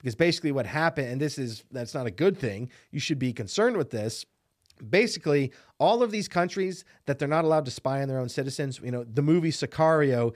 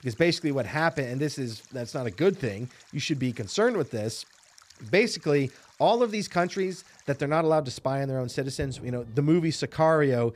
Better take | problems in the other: first | rain or running water; faint; throughout; 25 dB below the speech

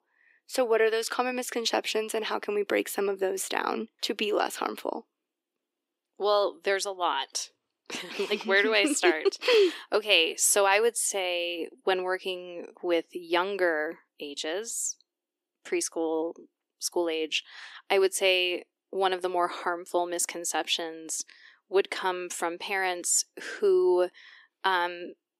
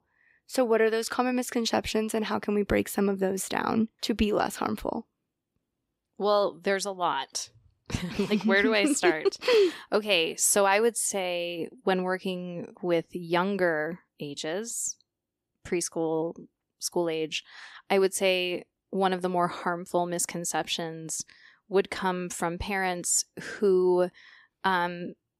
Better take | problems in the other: second | thin; somewhat; fading below 300 Hz

